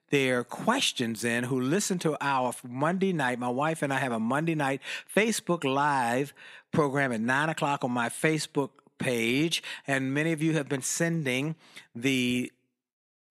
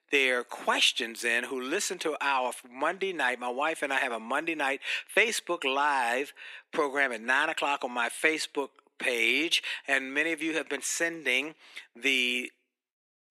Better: first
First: none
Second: thin; somewhat; fading below 300 Hz

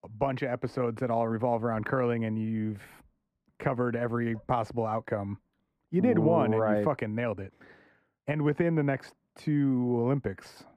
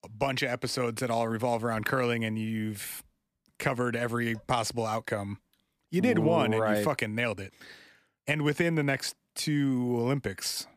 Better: second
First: muffled; very; fading above 2.5 kHz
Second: none

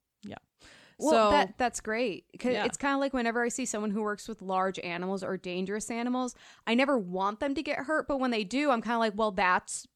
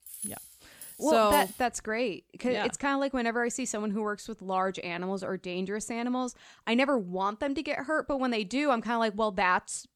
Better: first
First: none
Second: jangling keys; noticeable; until 1.5 s; peak 7 dB below the speech

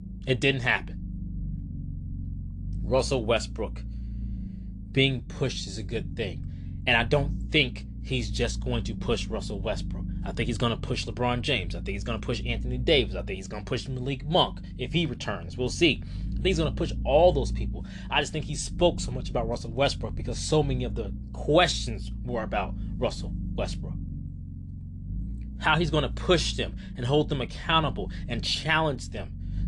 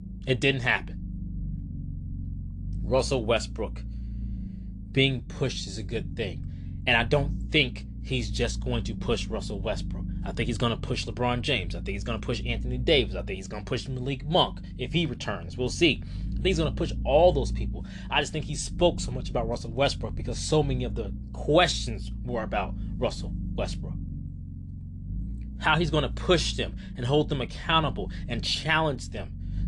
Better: neither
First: low rumble; faint; throughout; 20 dB below the speech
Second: low rumble; faint; throughout; 20 dB below the speech

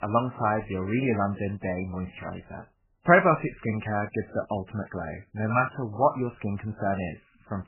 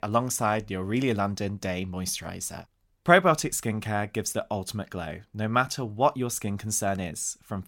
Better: second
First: garbled, watery; badly; nothing above 3 kHz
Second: none

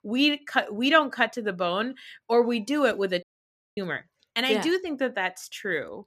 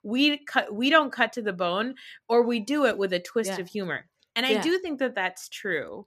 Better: second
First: audio cutting out; at 3 s for 0.5 s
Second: none

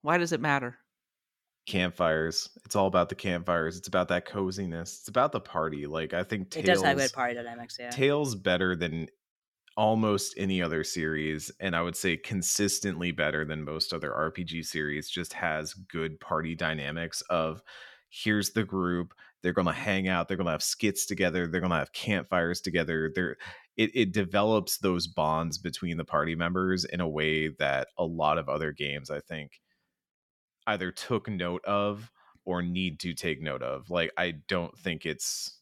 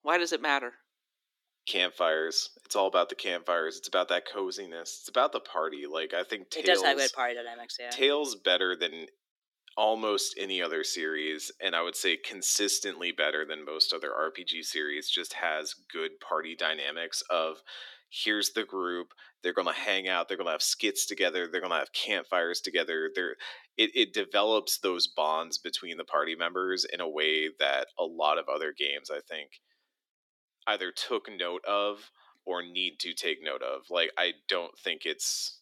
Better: first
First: none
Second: thin; somewhat; fading below 300 Hz

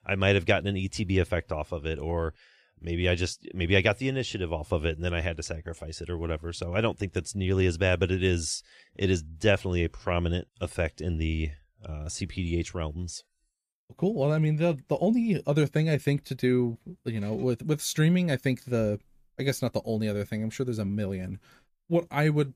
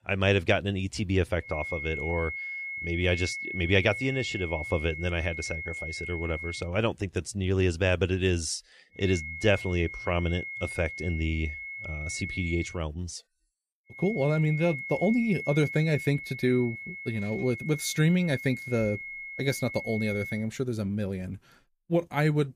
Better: first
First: none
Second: high-pitched whine; loud; from 1.5 to 6.5 s, from 9 to 13 s and from 14 to 20 s; 2 kHz, 7 dB below the speech

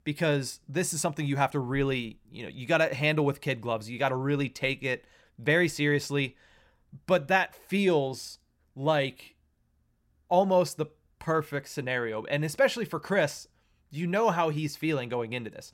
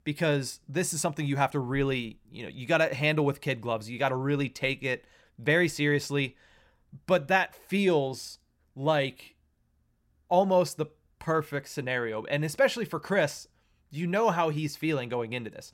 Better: neither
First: none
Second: none

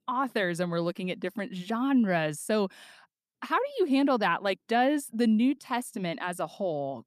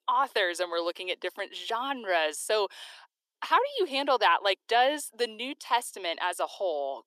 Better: first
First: none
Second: thin; very; fading below 350 Hz

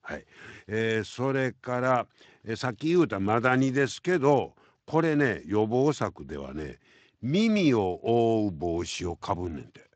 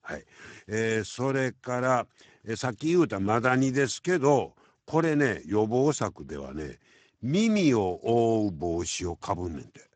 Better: first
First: garbled, watery; slightly; nothing above 7.5 kHz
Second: garbled, watery; badly; nothing above 7.5 kHz

